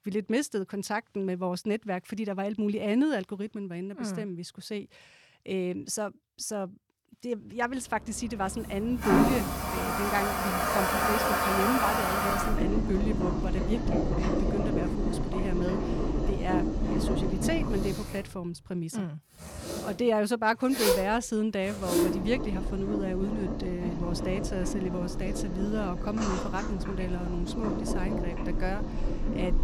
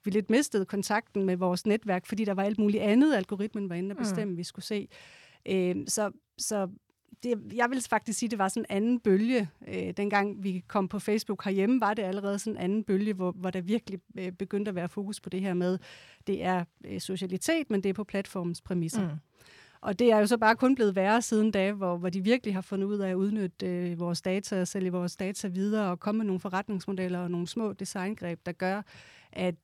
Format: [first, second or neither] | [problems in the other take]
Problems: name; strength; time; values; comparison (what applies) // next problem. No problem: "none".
second | household noises; very loud; from 8 s on; 2 dB above the speech